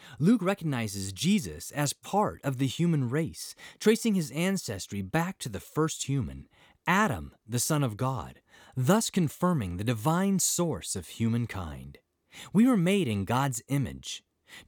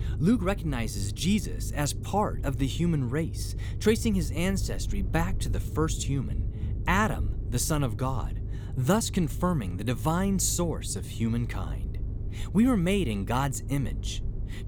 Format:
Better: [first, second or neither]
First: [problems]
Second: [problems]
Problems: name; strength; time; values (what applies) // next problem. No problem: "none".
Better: first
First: none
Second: low rumble; noticeable; throughout; 15 dB below the speech